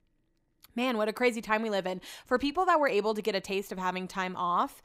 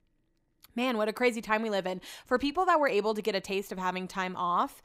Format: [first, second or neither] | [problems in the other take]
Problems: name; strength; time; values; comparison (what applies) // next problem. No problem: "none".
neither | none